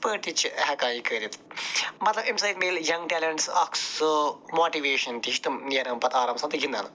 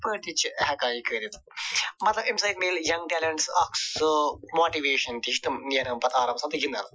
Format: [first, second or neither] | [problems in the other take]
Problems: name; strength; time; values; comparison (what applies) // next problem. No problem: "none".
first | noise reduction (classical method Wiener filter)